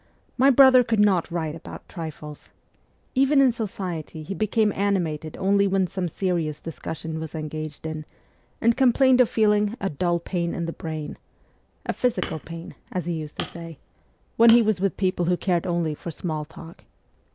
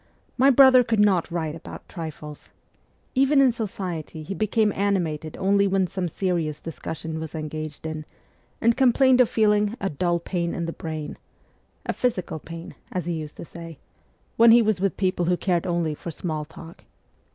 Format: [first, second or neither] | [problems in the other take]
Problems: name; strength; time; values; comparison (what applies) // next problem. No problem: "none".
second | background sound (Hammer); 15 dB below the speech